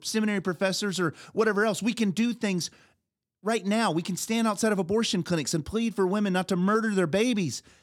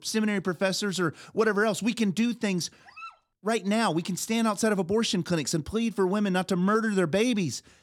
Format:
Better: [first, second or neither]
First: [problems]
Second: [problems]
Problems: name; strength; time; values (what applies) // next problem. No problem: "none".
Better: first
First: none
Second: dog barking; faint; at 3 s; peak 15 dB below the speech